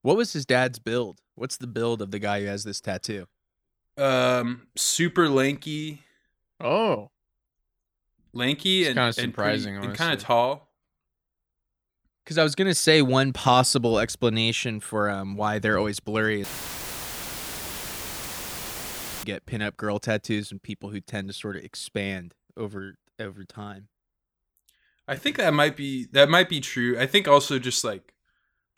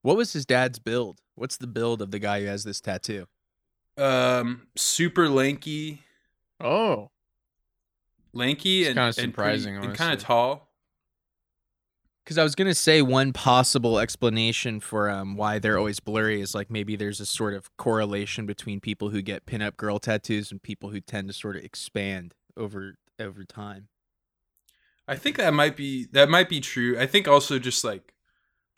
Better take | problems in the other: second | audio cutting out; filled with static; at 16 s for 3 s

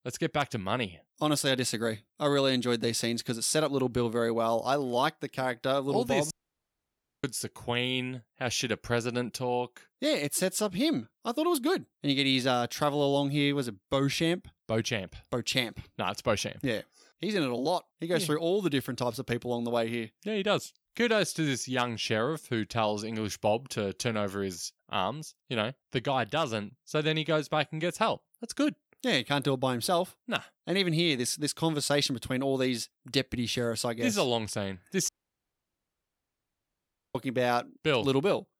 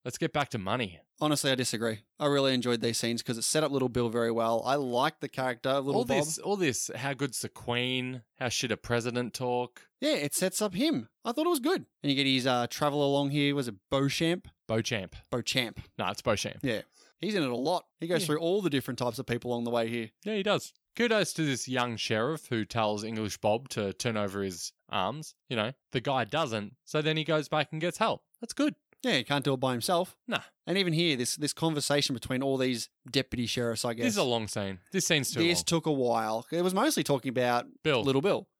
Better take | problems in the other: second | audio cutting out; at 6.5 s for 1 s and at 35 s for 2 s

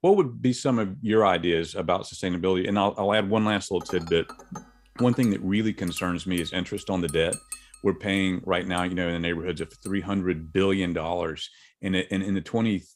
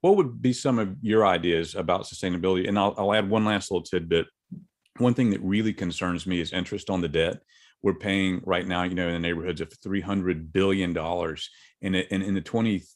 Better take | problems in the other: second | clattering dishes; noticeable; from 4 to 10 s; peak 8 dB below the speech

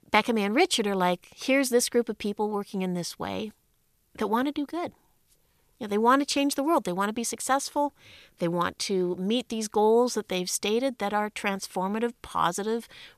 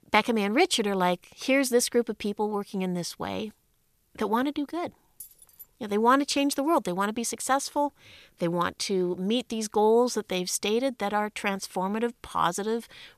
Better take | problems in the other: first | jangling keys; faint; at 5 s; peak 20 dB below the speech

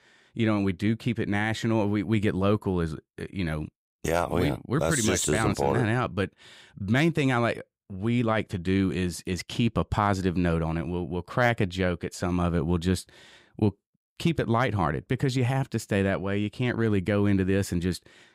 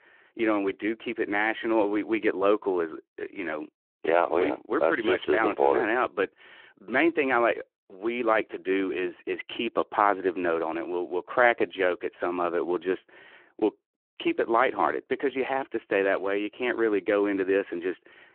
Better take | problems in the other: first | phone-call audio

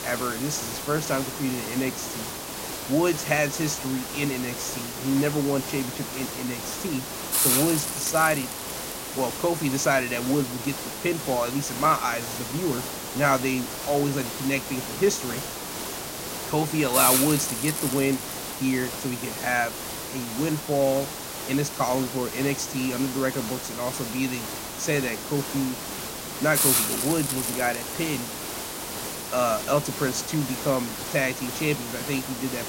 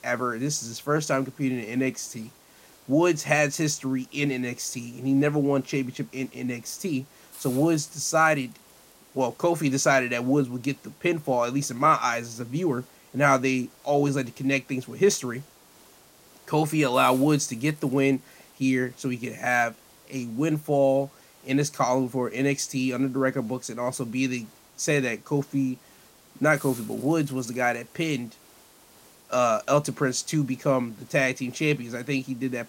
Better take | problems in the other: second | hiss; loud; throughout; 2 dB below the speech; faint in the second

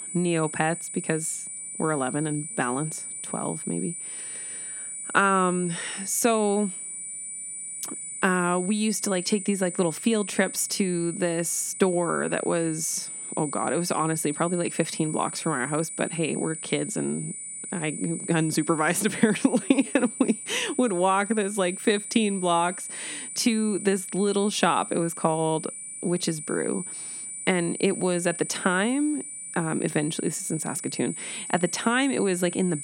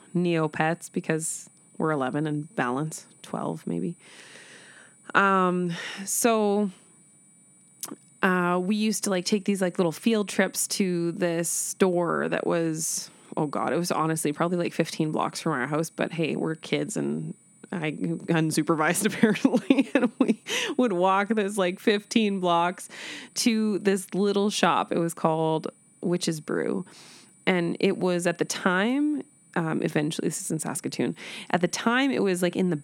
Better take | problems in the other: second | high-pitched whine; loud; throughout; 9 kHz, 7 dB below the speech; faint in the second

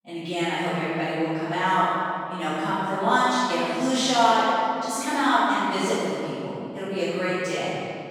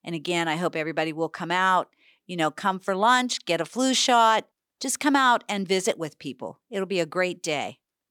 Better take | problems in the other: second | off-mic speech; far // room echo; strong; dies away in 2.5 s

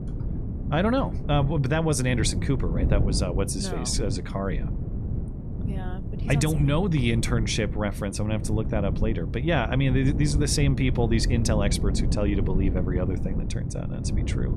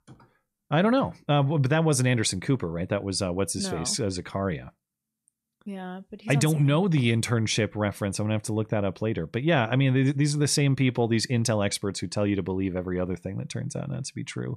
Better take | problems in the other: second | wind noise on the microphone; occasional gusts; 10 dB below the speech

